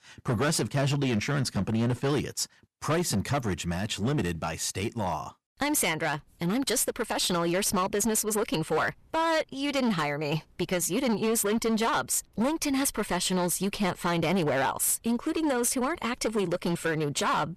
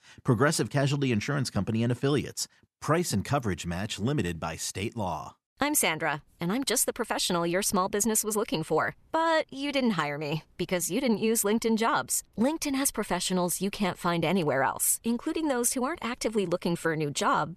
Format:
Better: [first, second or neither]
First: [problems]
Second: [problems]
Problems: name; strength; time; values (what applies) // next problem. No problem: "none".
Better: second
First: distortion; slight; 14% of the sound clipped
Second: none